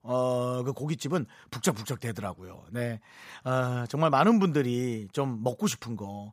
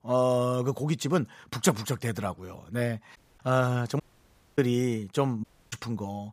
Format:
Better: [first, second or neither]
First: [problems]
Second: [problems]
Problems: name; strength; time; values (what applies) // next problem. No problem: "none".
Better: first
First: none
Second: audio cutting out; at 3 s, at 4 s for 0.5 s and at 5.5 s